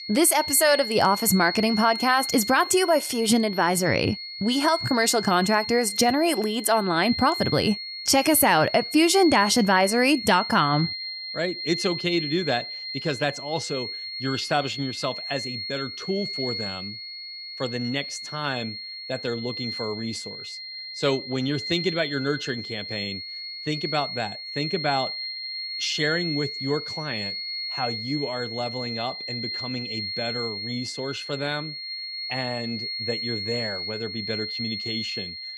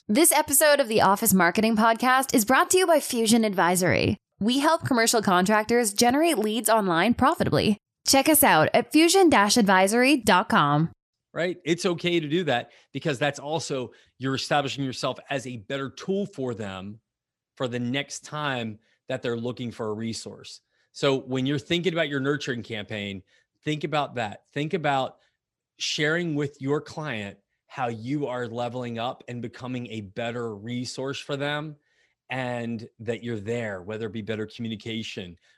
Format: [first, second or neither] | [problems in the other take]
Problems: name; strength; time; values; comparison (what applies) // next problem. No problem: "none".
second | high-pitched whine; loud; throughout; 4.5 kHz, 6 dB below the speech